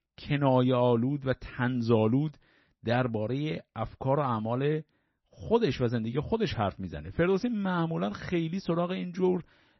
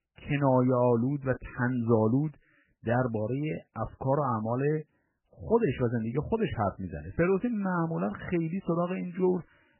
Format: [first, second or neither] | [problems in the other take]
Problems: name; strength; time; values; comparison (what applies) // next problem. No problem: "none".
first | garbled, watery; badly; nothing above 3 kHz; slightly in the first